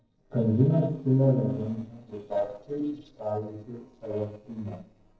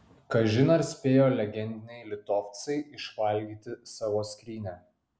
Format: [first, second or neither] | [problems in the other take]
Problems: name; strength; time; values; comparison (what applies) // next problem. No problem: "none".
second | noise reduction (neural separator model SepFormer DNS4)